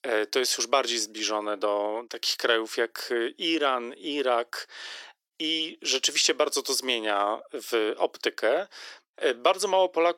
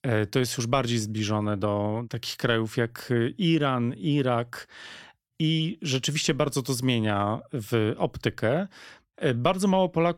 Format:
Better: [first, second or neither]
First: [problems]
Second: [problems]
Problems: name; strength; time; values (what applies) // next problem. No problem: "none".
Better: second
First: thin; very; fading below 350 Hz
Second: none